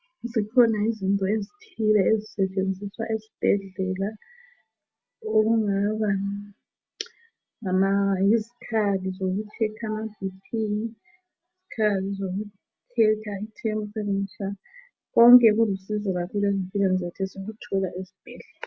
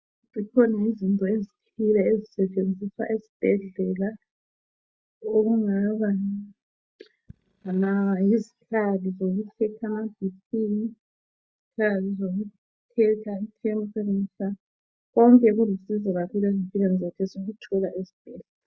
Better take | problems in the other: first | noise reduction (neural mask model DeepFilterNet 3)

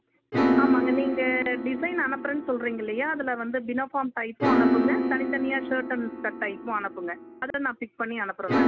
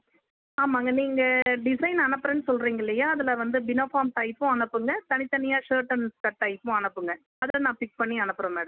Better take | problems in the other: second | background sound (Piano); 2 dB above the speech

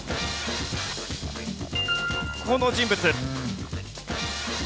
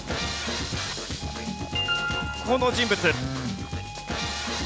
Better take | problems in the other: first | background sound (Wind instrument, woodwind instrument); 15 dB below the speech

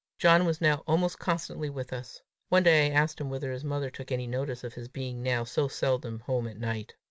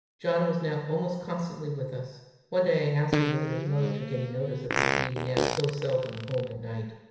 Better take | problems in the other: first | background sound (Fart); 2 dB below the speech // room echo; dies away in 1 s

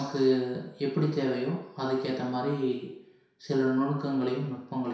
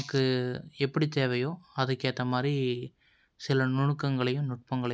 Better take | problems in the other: second | room echo; dies away in 0.7 s

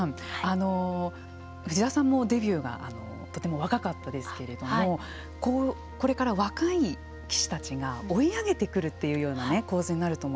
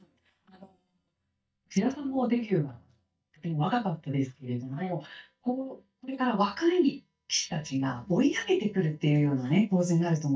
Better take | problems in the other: first | noise reduction (neural mask model DeepFilterNet 3)

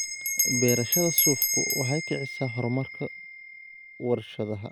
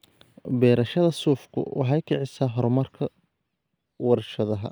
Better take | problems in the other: second | background sound (Bell); as loud as the speech

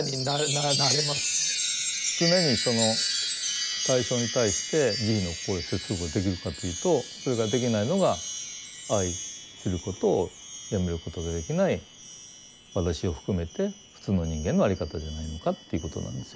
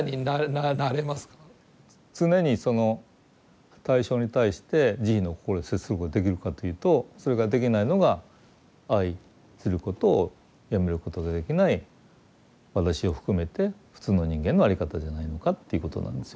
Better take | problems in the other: second | background sound (Chime); 4 dB below the speech

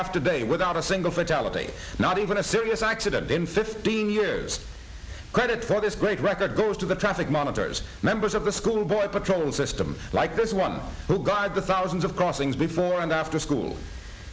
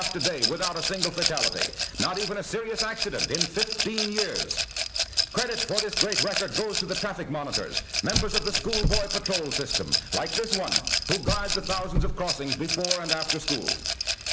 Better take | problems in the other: first | background sound (Car + Rattle / Glass); 3 dB above the speech

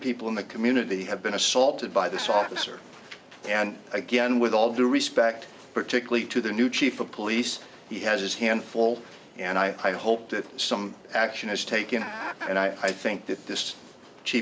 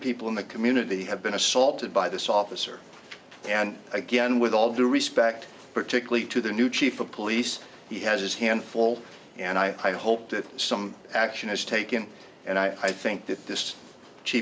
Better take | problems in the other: second | background sound (Chicken, rooster); 11 dB below the speech

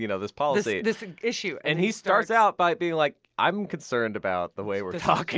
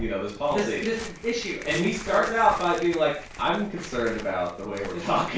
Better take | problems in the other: first | background sound (Tearing); 14 dB below the speech // room echo; dies away in 0.4 s

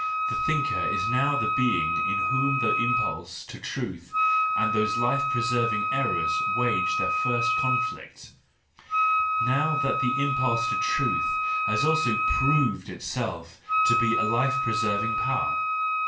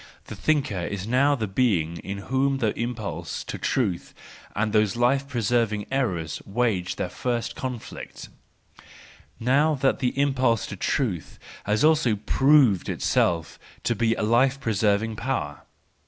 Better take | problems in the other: second | background sound (Wind instrument, woodwind instrument); 4 dB above the speech // room echo; dies away in 0.3 s

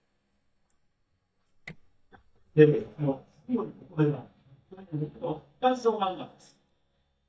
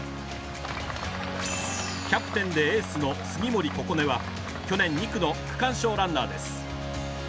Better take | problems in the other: second | noise reduction (neural mask model DeepFilterNet 3)

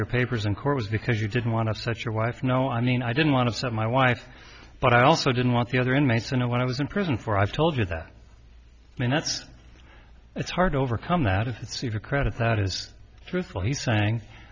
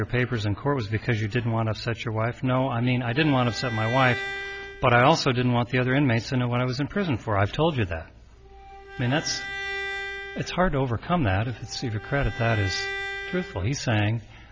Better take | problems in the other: first | background sound (Bowed string instrument); 11 dB below the speech

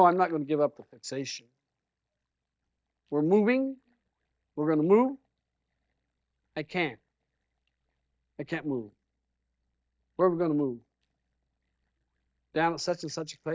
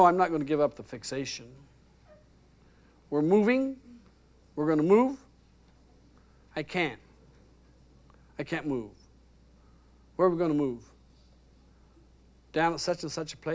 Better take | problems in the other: second | noise reduction (neural mask model DeepFilterNet 3)

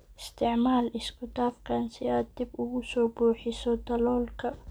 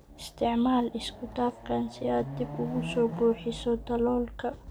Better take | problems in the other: first | background sound (Chatter / Car passing by / Motorcycle / Traffic noise, roadway noise / Accelerating, revving, vroom); 12 dB below the speech

